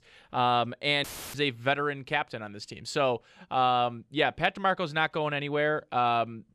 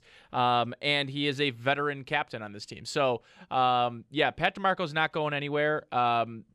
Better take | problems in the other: second | audio cutting out; filled with static; at 1 s

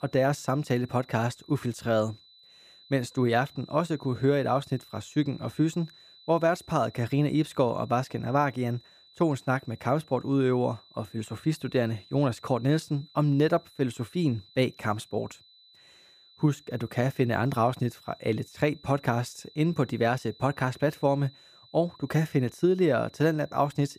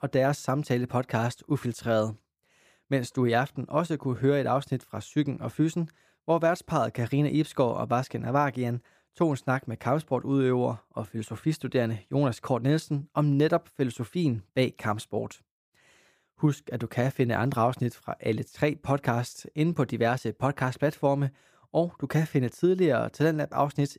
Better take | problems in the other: second | high-pitched whine; faint; throughout; 4 kHz, 25 dB below the speech

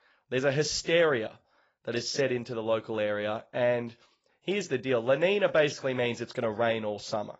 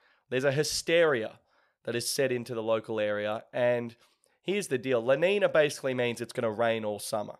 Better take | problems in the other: second | garbled, watery; badly; nothing above 7.5 kHz

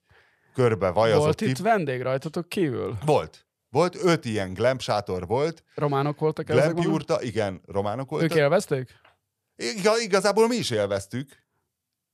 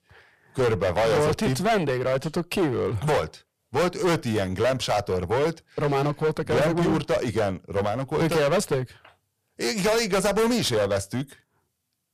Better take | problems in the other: first | distortion; heavy; 18% of the sound clipped

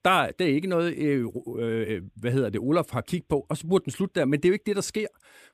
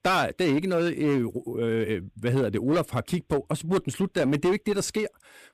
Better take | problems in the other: first | distortion; slight; 10% of the sound clipped

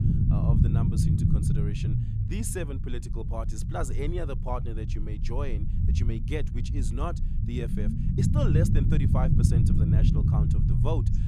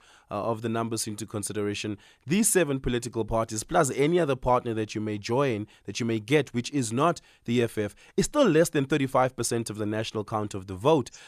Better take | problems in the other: second | low rumble; loud; throughout; as loud as the speech

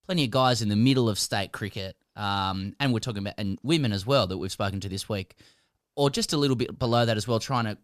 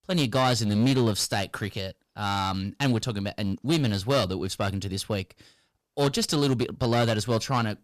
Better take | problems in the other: first | distortion; slight; 8% of the sound clipped

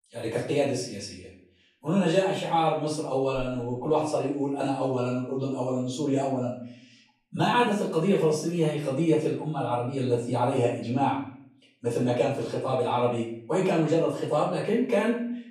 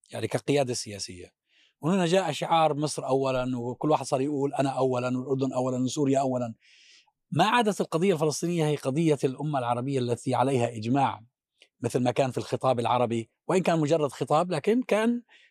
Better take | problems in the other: second | off-mic speech; far // room echo; noticeable; dies away in 0.5 s

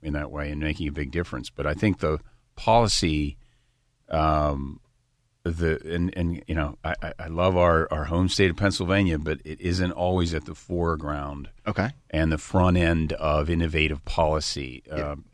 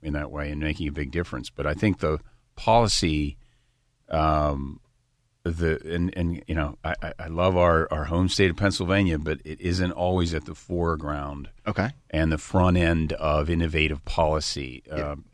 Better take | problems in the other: neither | none

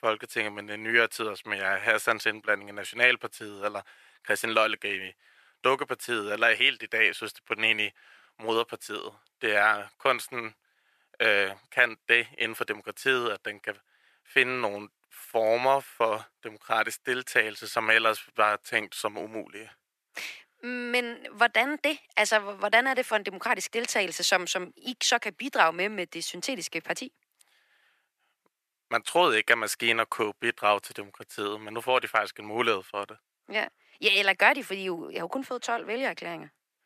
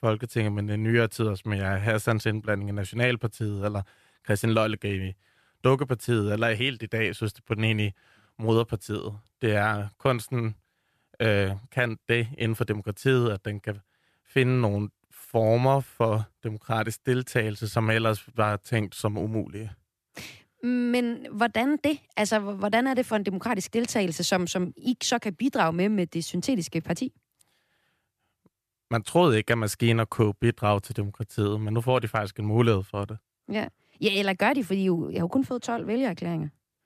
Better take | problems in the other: second | thin; very; fading below 500 Hz

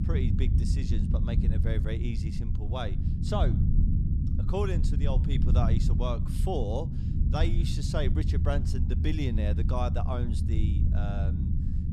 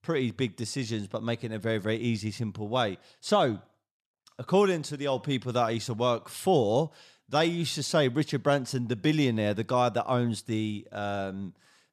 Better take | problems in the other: second | low rumble; loud; throughout; 5 dB below the speech

